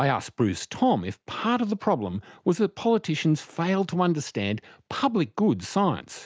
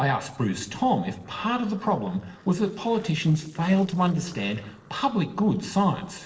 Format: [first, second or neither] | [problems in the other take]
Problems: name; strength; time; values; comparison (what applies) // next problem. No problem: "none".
first | noise reduction (neural separator model SepFormer DNS4)